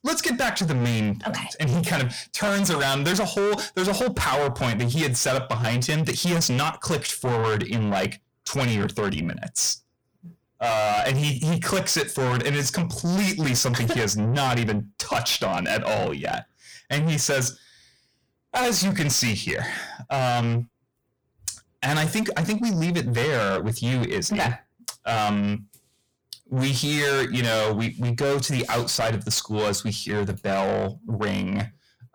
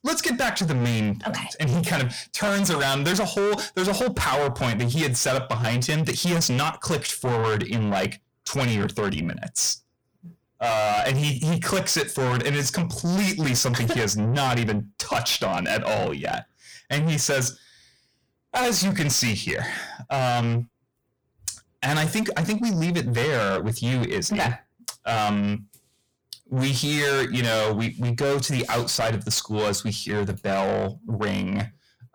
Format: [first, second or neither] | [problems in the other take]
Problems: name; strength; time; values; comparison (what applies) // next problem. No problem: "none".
neither | distortion; heavy; 6 dB below the speech; the same in both